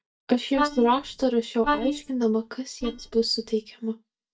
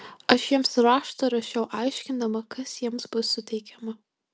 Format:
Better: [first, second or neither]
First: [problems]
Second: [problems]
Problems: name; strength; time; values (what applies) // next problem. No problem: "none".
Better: second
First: noise reduction (neural mask model DeepFilterNet 3)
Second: none